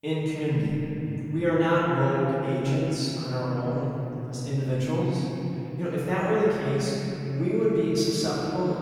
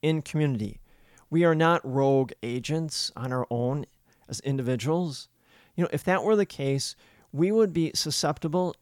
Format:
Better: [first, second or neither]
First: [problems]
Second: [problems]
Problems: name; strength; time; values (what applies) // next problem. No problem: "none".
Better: second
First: off-mic speech; far // room echo; strong; dies away in 3 s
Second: none